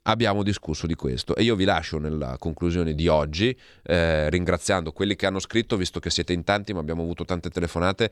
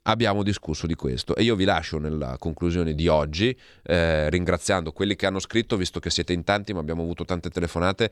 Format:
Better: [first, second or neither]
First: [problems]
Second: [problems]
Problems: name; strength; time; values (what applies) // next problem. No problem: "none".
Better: neither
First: none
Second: none